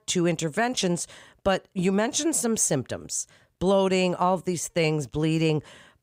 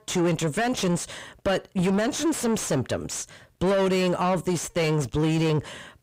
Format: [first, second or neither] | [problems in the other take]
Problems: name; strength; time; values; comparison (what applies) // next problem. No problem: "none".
first | distortion; heavy; 6 dB below the speech